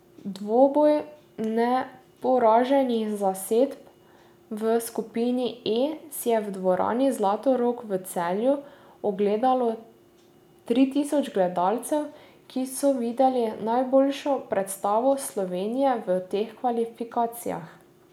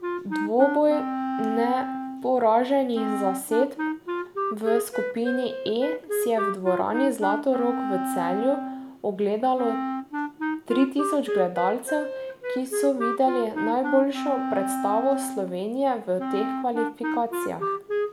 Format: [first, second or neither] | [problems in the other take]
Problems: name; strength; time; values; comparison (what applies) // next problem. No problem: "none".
first | background sound (Wind instrument, woodwind instrument); 4 dB below the speech